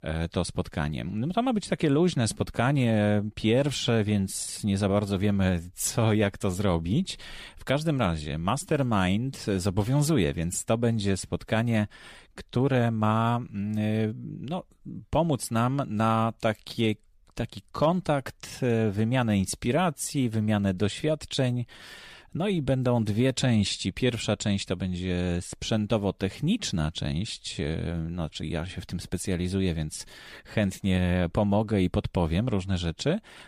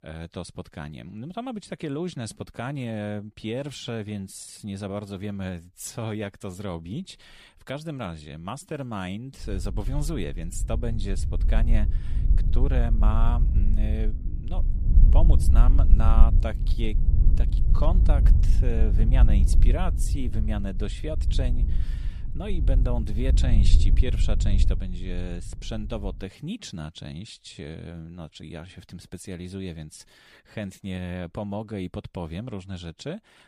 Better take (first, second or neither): first